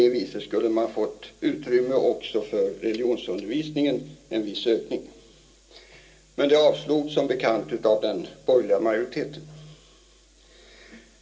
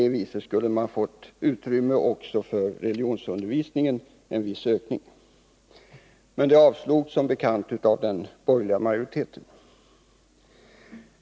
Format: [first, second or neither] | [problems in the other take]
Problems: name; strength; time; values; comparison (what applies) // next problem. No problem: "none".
second | room echo; dies away in 0.2 s